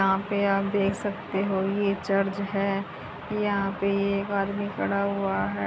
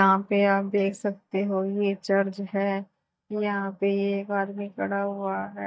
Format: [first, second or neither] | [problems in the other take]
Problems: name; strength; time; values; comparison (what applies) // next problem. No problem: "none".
first | noise reduction (neural mask model DeepFilterNet 3)